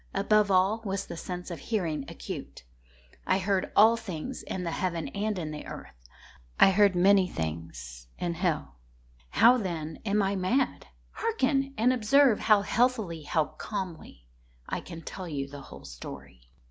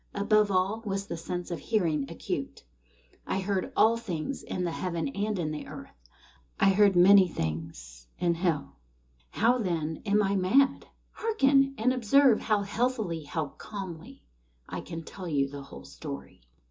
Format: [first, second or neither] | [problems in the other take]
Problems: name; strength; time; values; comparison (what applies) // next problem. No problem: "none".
first | room echo; dies away in 0.2 s